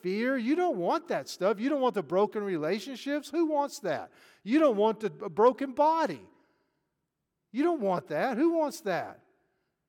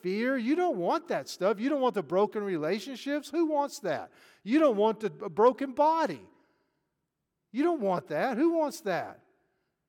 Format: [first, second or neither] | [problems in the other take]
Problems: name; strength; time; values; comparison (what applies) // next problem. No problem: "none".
neither | none